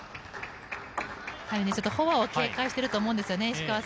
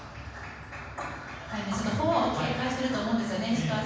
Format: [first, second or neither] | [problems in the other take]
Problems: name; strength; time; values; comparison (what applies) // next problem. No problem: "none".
first | room echo; dies away in 1.2 s